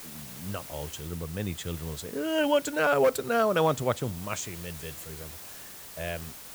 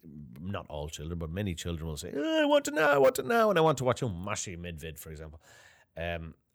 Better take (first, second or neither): second